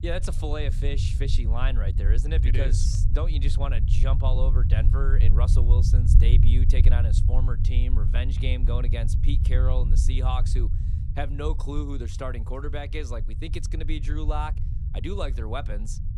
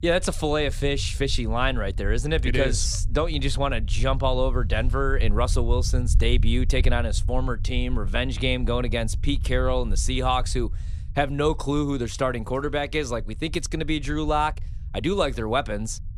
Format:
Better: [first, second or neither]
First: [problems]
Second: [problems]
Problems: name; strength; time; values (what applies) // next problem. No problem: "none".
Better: second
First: low rumble; loud; throughout; 6 dB below the speech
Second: low rumble; faint; throughout; 20 dB below the speech